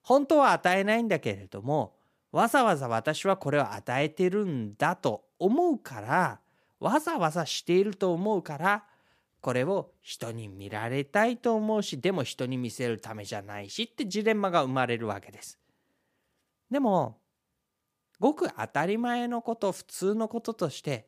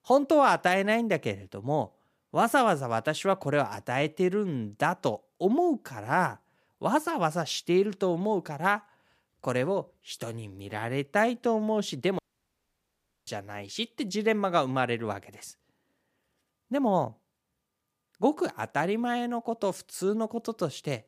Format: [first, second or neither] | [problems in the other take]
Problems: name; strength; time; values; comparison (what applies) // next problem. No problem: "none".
first | audio cutting out; at 12 s for 1 s